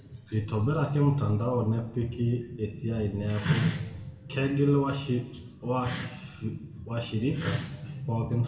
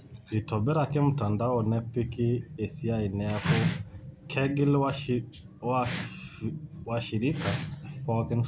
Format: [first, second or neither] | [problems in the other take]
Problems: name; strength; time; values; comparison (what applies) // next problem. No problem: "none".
second | room echo; dies away in 0.8 s